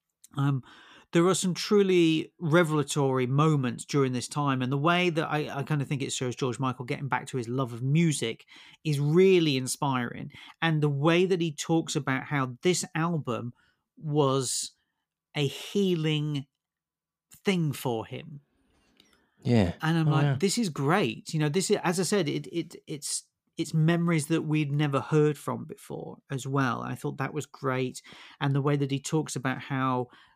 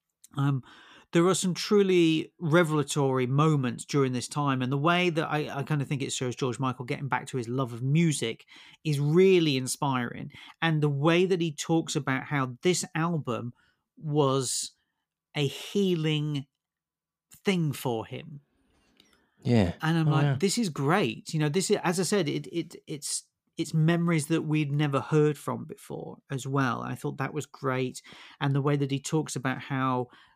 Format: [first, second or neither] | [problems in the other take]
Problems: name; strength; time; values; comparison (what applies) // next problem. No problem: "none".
neither | none